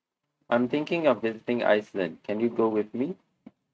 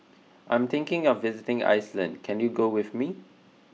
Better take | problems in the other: second | noise reduction (neural mask model RNNoise)

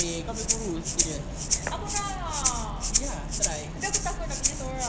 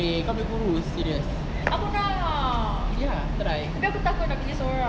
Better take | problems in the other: second | background sound (Rattle (instrument)); 1 dB above the speech

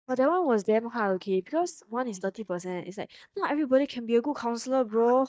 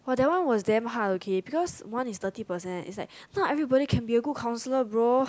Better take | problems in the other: second | noise reduction (neural mask model DeepFilterNet 3)

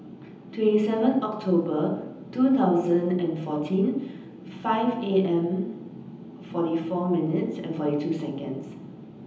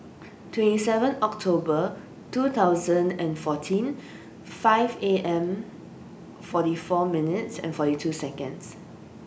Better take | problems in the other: second | room echo; dies away in 0.9 s

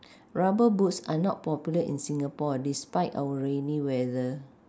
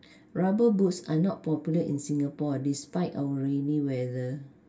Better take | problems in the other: first | room echo; dies away in 0.1 s

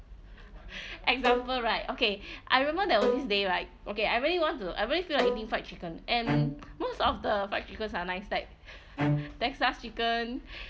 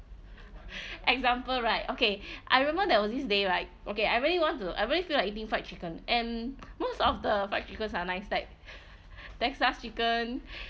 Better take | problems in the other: second | background sound (Bowed string instrument + Bowed string instrument); 4 dB below the speech

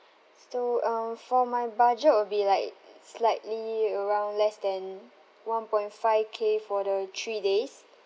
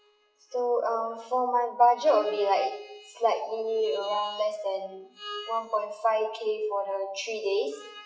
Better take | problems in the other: first | noise reduction (classical method WPE with log-MMSE)

